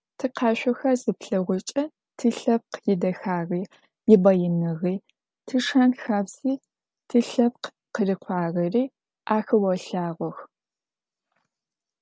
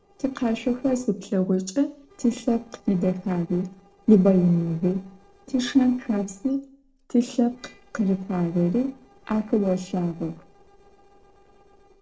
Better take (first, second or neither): first